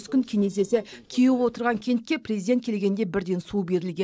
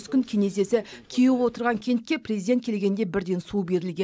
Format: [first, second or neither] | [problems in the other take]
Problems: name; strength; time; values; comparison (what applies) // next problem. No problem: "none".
second | noise reduction (neural separator model SepFormer DNS4)